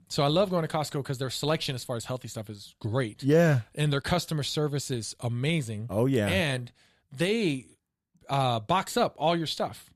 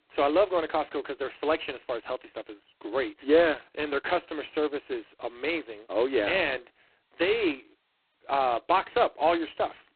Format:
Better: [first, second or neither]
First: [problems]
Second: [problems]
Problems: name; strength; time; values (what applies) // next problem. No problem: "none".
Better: first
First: none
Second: phone-call audio; poor line; nothing above 4 kHz